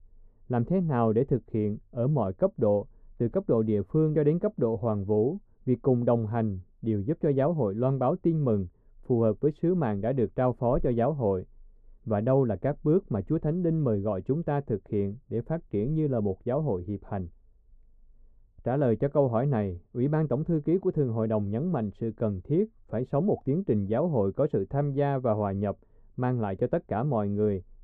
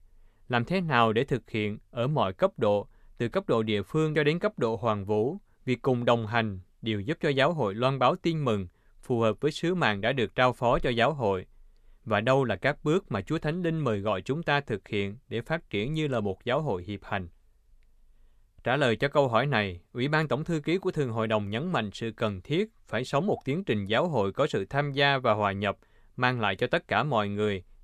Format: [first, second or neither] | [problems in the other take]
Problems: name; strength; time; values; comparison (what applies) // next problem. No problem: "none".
second | muffled; very; fading above 1.5 kHz